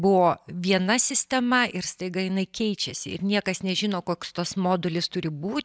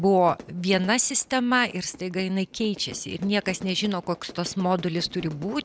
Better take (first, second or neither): first